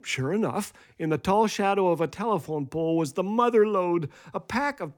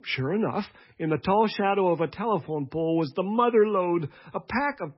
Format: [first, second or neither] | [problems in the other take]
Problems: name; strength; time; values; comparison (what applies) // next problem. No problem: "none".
first | garbled, watery; badly; nothing above 5.5 kHz